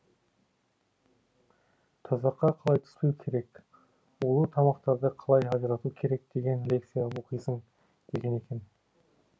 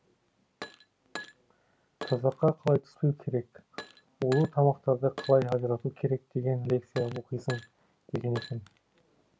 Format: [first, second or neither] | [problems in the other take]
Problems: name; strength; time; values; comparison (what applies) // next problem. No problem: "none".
first | background sound (Glass); 17 dB below the speech